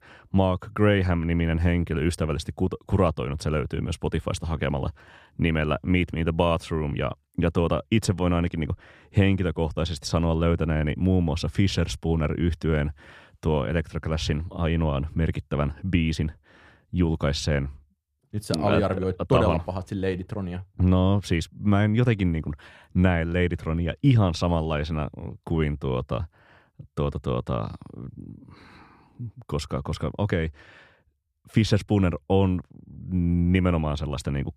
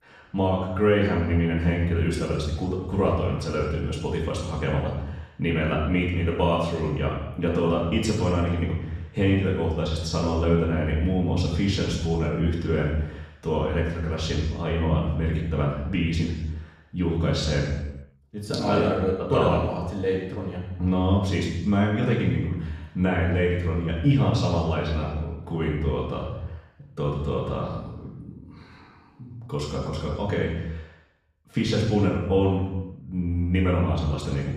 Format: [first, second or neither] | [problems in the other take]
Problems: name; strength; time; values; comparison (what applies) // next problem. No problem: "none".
first | room echo; noticeable; dies away in 0.9 s // off-mic speech; far